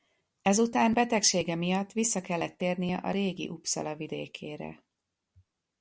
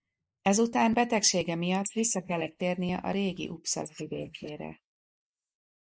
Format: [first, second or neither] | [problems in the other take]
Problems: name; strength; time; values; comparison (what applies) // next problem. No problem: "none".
first | noise reduction (neural mask model Resemble Enhance denoiser)